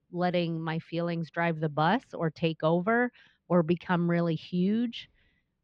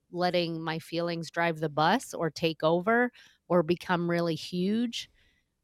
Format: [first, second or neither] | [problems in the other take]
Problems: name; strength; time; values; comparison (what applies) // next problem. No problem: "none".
second | muffled; slightly; fading above 3.5 kHz